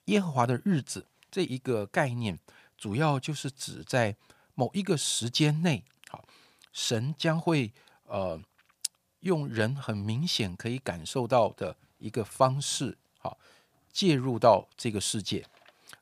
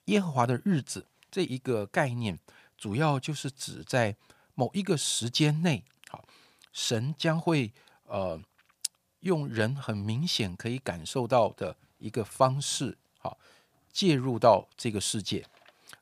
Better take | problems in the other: neither | none

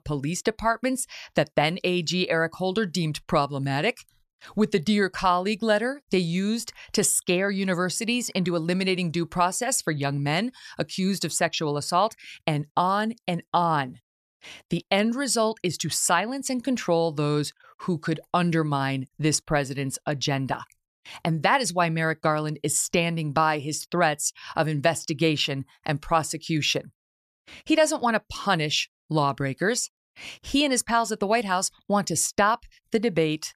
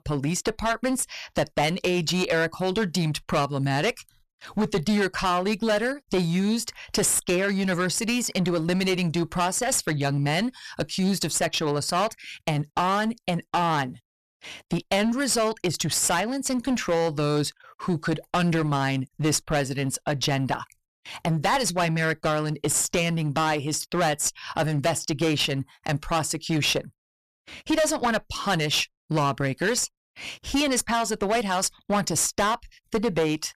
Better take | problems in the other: first | distortion; heavy; 13% of the sound clipped

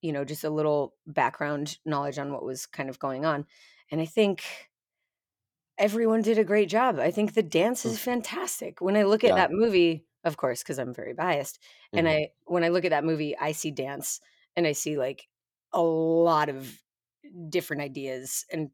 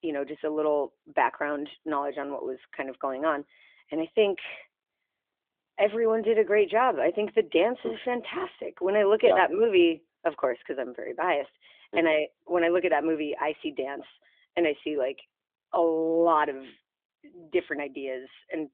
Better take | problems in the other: first | phone-call audio

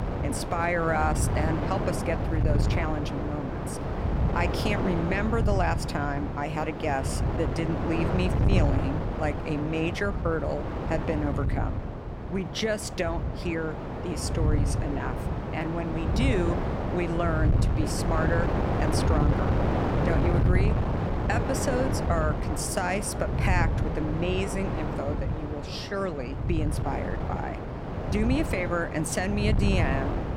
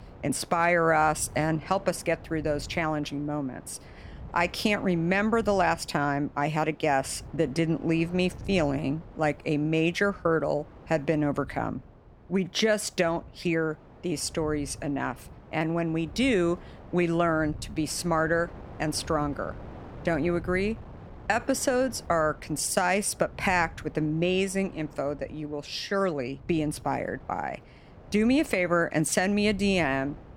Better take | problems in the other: second | wind noise on the microphone; heavy; 3 dB below the speech; occasional gusts in the second

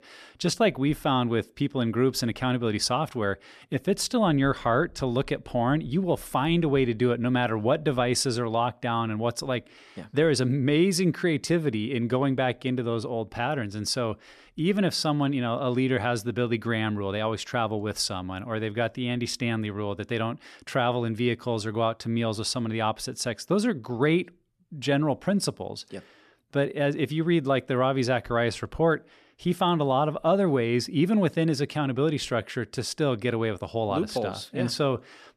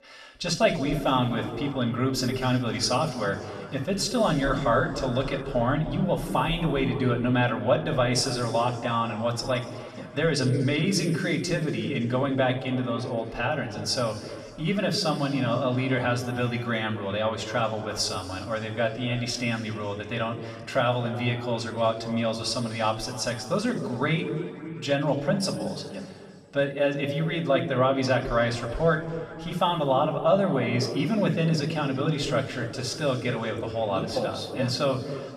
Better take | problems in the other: first | room echo; noticeable; dies away in 2.2 s // off-mic speech; somewhat distant

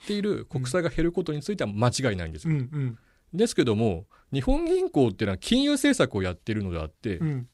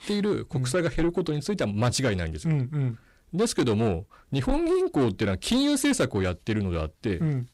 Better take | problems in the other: first | distortion; slight; 10 dB below the speech

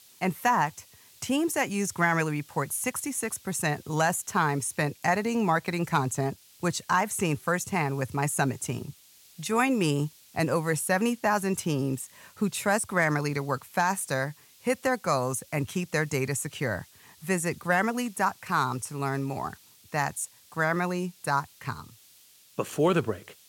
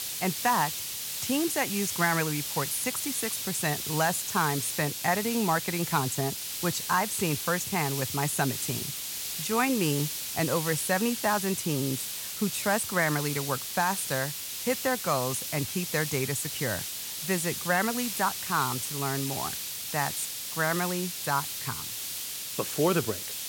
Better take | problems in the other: first | hiss; loud; throughout; 3 dB below the speech; faint in the first

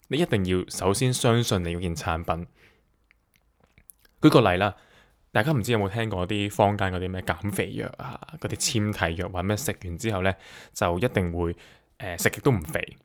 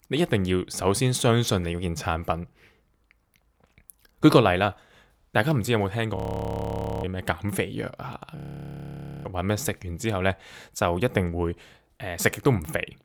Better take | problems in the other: first | audio freezing; at 6 s for 1 s and at 8.5 s for 1 s

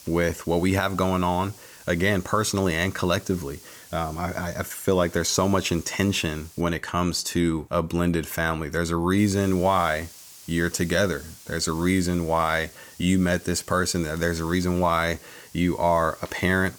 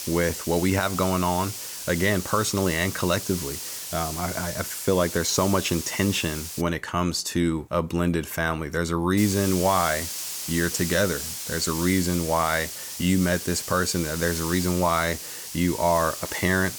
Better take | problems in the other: first | hiss; loud; until 6.5 s and from 9 s on; 7 dB below the speech; faint in the first

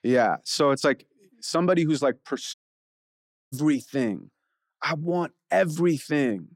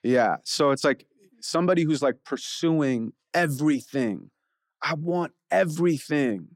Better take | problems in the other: second | audio cutting out; at 2.5 s for 1 s

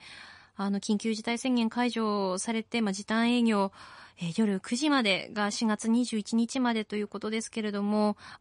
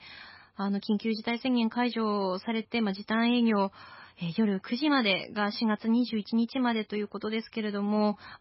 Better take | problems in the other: first | garbled, watery; badly; nothing above 5.5 kHz; slightly in the first

